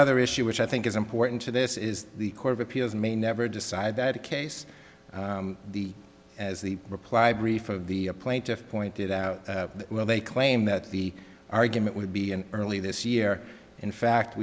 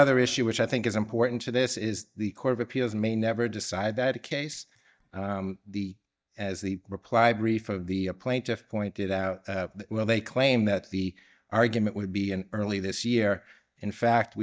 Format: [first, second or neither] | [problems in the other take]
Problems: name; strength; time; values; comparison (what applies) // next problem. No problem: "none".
first | noise reduction (neural mask model DeepFilterNet 3)